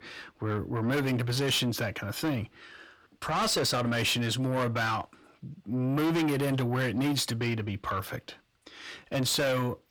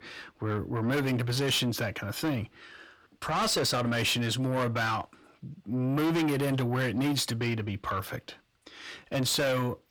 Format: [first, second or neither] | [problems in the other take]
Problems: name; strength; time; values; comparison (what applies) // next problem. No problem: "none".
neither | distortion; heavy; 7 dB below the speech; the same in both